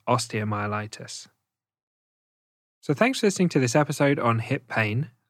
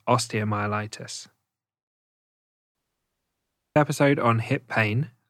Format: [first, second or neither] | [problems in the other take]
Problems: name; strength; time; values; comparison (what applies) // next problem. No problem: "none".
first | audio cutting out; at 3 s for 1 s